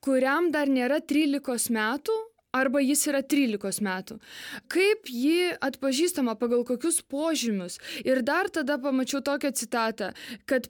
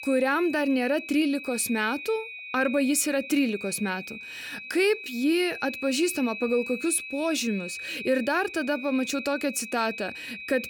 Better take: first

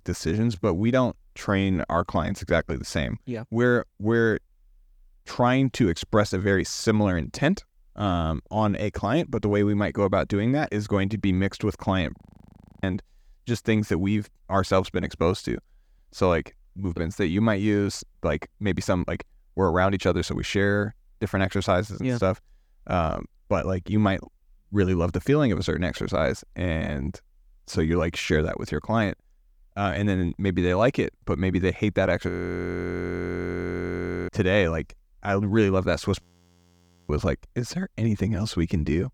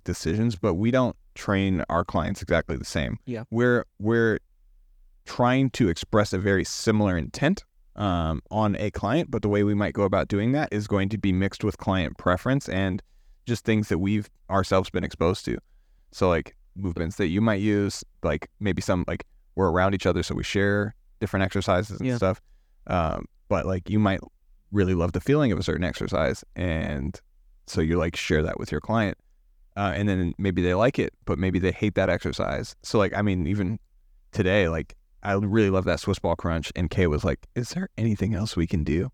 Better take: second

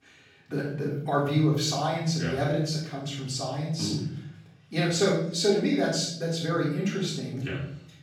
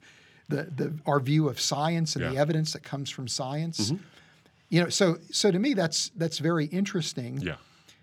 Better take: second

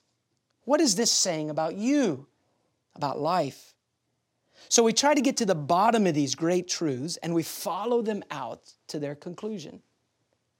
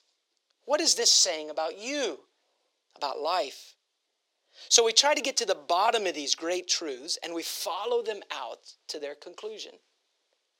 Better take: first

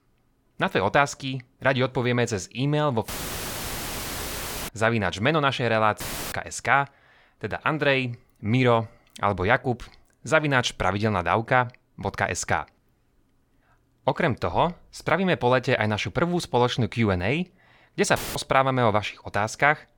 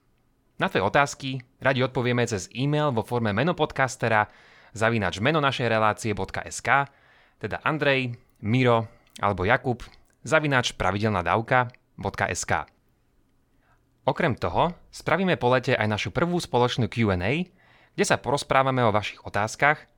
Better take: second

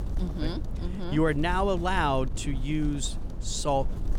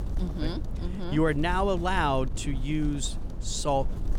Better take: neither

